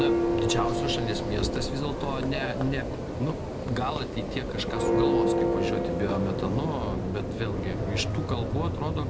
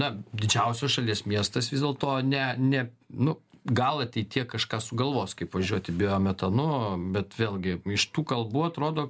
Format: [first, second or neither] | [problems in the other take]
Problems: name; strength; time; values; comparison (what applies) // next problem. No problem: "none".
second | background sound (Church bell); 4 dB above the speech